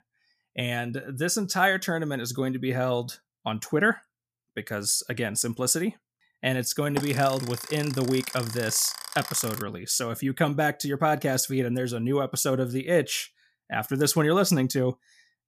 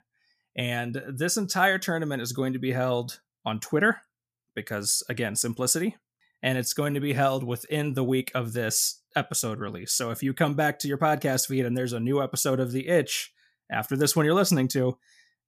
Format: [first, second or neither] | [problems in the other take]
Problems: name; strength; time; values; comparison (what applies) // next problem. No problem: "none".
second | alarm; noticeable; from 7 to 9.5 s; peak 8 dB below the speech